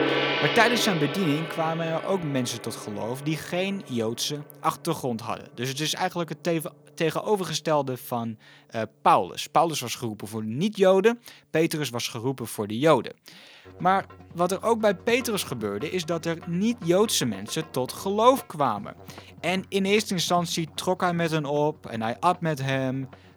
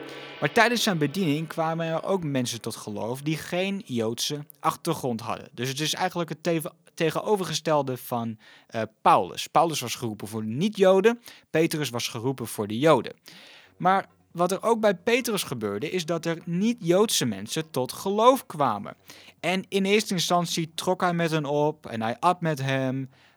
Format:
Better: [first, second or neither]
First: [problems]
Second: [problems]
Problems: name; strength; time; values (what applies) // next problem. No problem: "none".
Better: second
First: background music; loud; throughout; 9 dB below the speech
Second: background music; faint; throughout; 25 dB below the speech